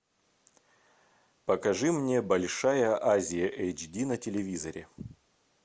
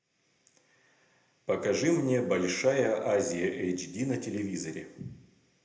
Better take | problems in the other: first | room echo; dies away in 0.6 s

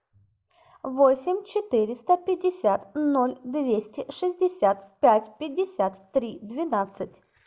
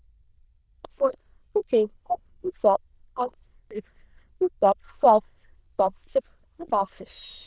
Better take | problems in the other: first | noise reduction (neural diffusion model UNIVERSE++)

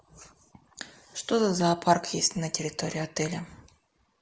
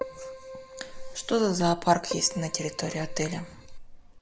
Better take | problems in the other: first | background sound (Keyboard (musical)); 10 dB below the speech

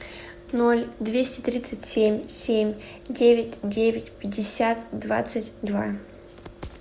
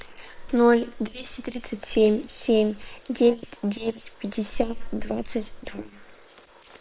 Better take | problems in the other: first | noise reduction (neural separator model SepFormer WHAM!)

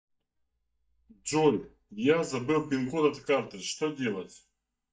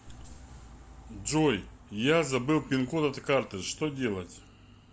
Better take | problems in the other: second | noise reduction (neural mask model DeepFilterNet 3)

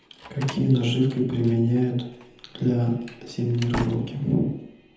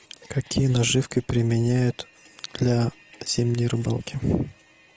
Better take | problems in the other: second | background sound (Slam); 17 dB below the speech // room echo; dies away in 0.8 s

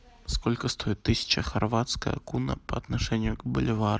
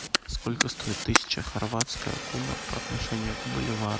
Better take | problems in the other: first | background sound (Fire); 1 dB below the speech

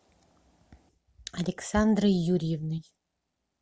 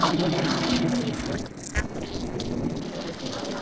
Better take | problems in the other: first | noise reduction (neural separator model SepFormer DNS4)

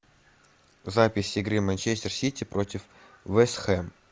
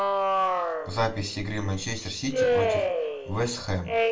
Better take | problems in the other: first | background sound (Alarm); 4 dB above the speech // room echo; dies away in 0.3 s

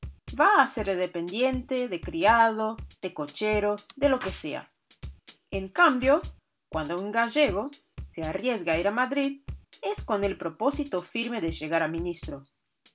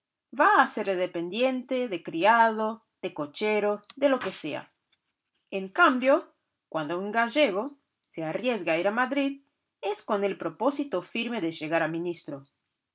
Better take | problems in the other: second | background sound (Bass drum / Drum kit); 16 dB below the speech

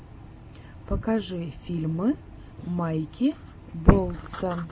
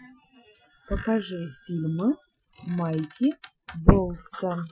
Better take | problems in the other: first | noise reduction (classical method Wiener filter)

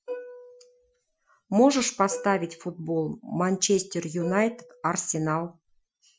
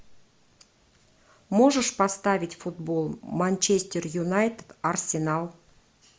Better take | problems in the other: second | noise reduction (classical method Wiener filter)

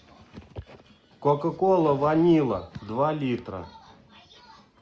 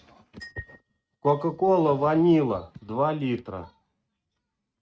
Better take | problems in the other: first | noise reduction (neural mask model RNNoise)

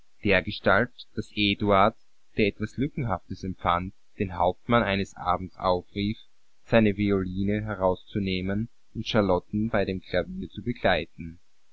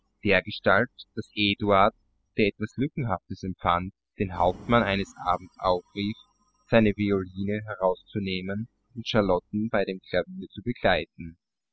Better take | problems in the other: first | noise reduction (classical method spectral subtraction)

